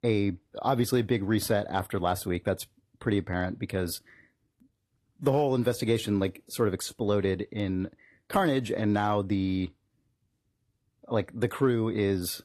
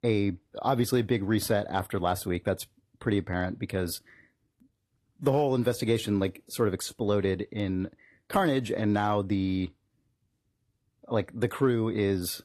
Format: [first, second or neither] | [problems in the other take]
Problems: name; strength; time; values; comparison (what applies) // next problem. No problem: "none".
neither | garbled, watery; slightly; nothing above 13.5 kHz; the same in both